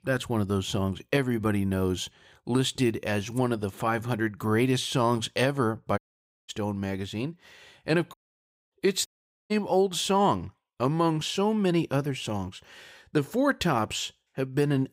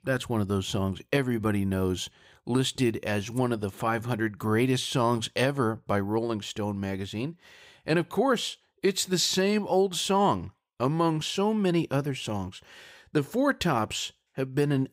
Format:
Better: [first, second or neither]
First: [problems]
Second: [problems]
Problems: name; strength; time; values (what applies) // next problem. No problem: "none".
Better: second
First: audio cutting out; at 6 s for 0.5 s, at 8 s for 0.5 s and at 9 s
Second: none